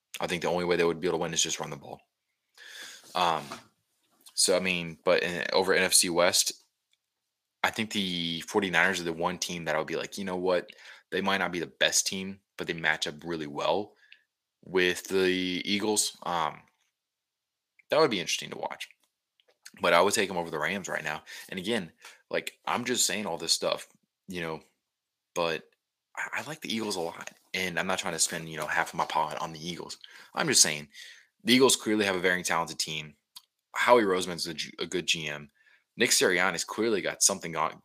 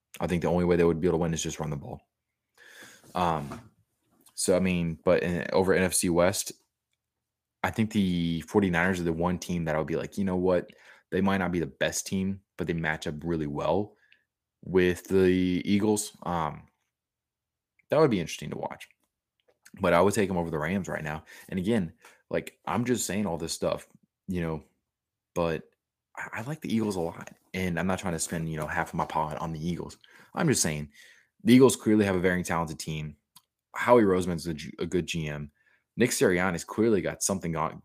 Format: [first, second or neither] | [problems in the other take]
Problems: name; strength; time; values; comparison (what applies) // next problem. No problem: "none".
second | thin; somewhat; fading below 1 kHz